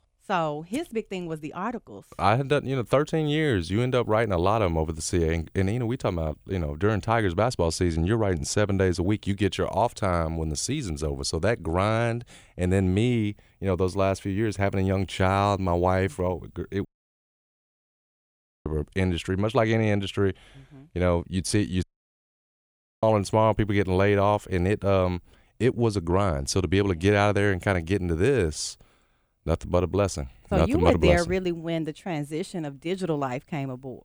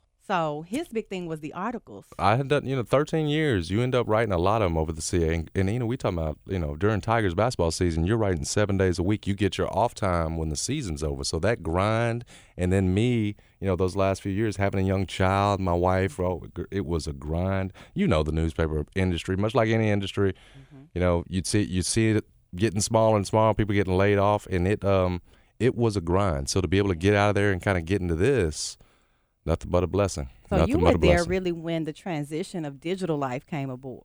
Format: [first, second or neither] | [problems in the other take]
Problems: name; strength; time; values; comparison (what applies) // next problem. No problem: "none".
second | audio cutting out; at 17 s for 2 s and at 22 s for 1 s